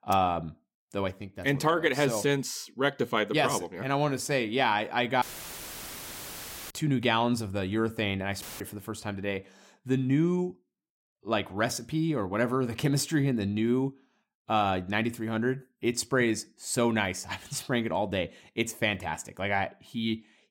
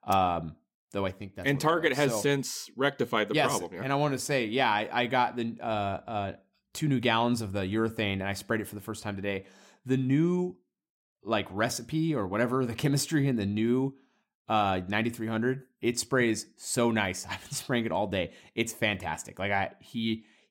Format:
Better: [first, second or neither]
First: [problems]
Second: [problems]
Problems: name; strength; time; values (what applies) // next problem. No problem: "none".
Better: second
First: audio cutting out; filled with static; at 5 s for 1.5 s and at 8.5 s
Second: none